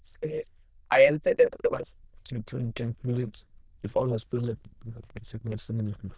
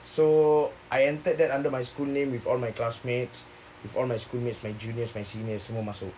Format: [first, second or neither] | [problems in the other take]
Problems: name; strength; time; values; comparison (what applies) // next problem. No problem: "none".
second | noise reduction (neural diffusion model UNIVERSE++)